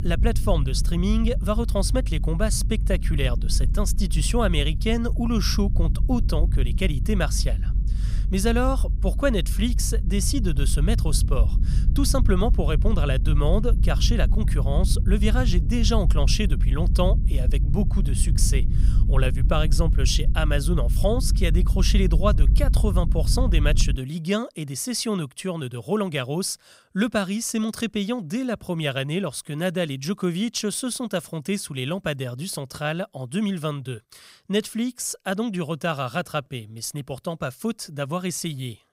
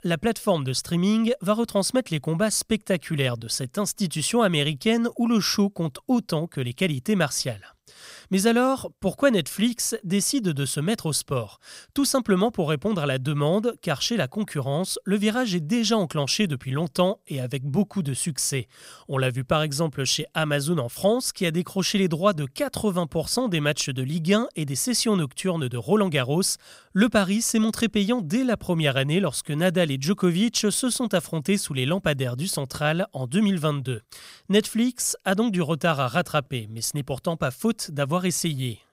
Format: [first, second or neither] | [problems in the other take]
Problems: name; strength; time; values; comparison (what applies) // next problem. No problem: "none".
second | low rumble; noticeable; until 24 s; 15 dB below the speech